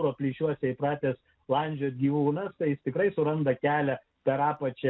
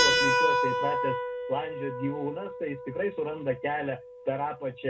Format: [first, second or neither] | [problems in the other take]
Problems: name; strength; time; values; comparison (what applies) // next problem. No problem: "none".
first | background sound (Keyboard (musical)); 2 dB above the speech // room echo; dies away in 0.2 s